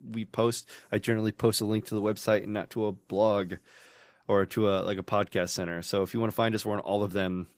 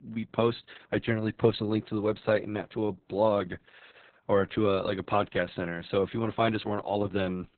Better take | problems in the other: first | garbled, watery; badly; nothing above 4 kHz; slightly in the first

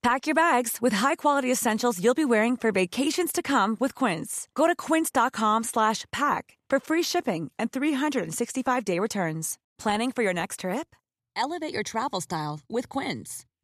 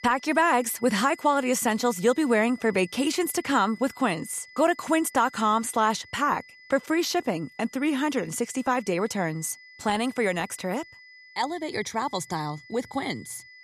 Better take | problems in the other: first | high-pitched whine; faint; throughout; 2 kHz, 20 dB below the speech

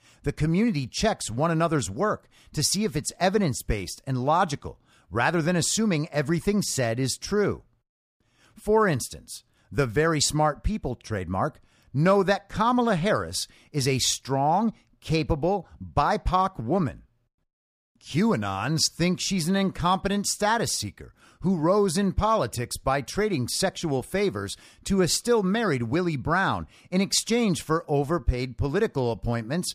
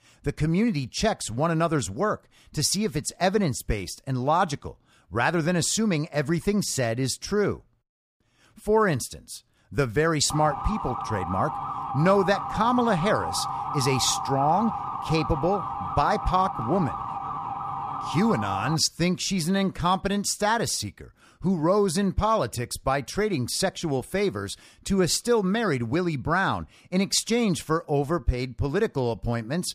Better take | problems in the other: first | siren; noticeable; from 10 to 19 s; peak 4 dB below the speech

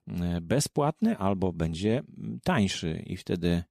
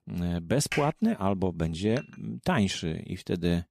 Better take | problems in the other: first | keyboard typing; noticeable; at 0.5 s; peak 6 dB below the speech // clattering dishes; faint; at 2 s; peak 15 dB below the speech

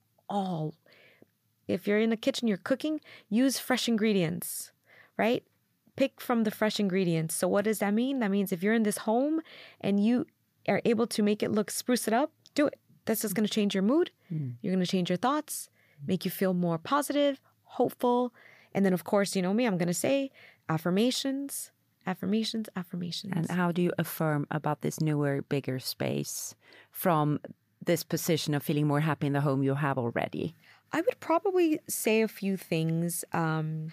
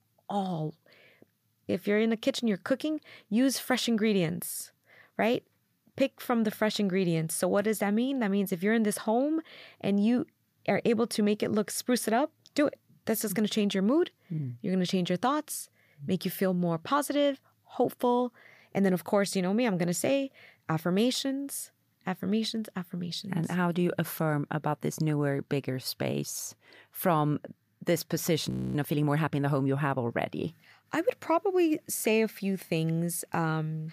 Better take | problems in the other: first | audio freezing; at 28 s

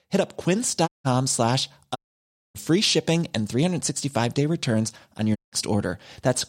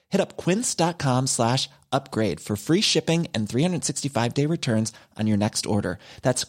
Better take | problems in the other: second | audio cutting out; at 1 s, at 2 s for 0.5 s and at 5.5 s

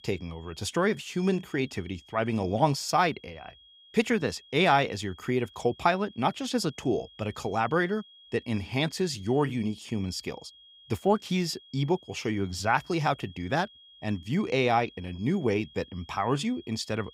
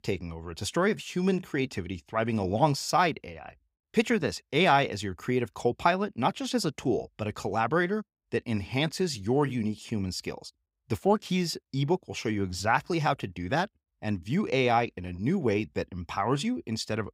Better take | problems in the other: second | high-pitched whine; faint; throughout; 3.5 kHz, 25 dB below the speech

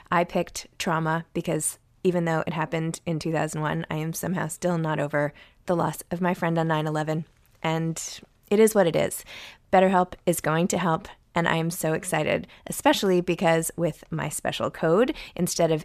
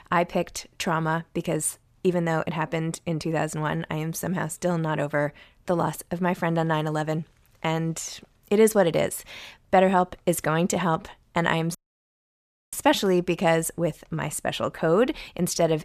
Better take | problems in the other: first | audio cutting out; at 12 s for 1 s

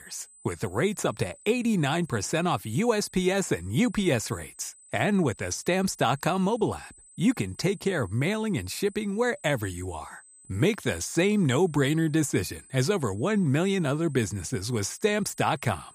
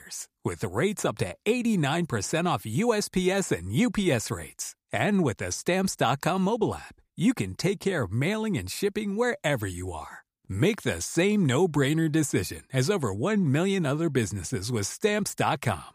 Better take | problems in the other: second | high-pitched whine; faint; throughout; 8 kHz, 25 dB below the speech

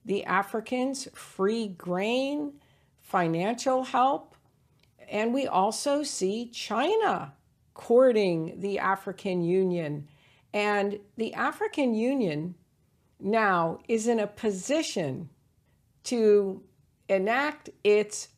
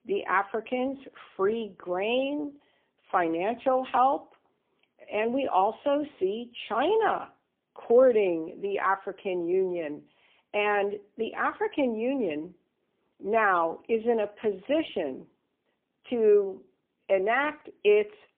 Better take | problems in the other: first | phone-call audio; poor line

